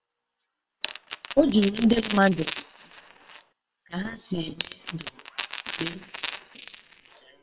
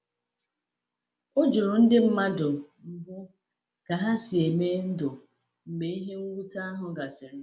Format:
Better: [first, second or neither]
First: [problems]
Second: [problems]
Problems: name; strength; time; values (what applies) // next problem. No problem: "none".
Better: second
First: noise reduction (neural separator model SepFormer WHAM!)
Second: none